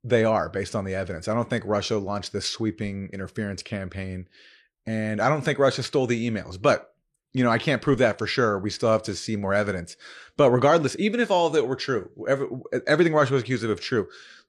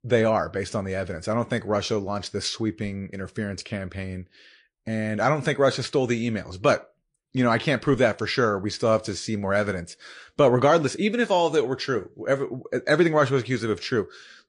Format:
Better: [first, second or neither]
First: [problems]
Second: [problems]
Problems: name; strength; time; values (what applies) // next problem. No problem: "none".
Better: first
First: none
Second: garbled, watery; slightly; nothing above 10 kHz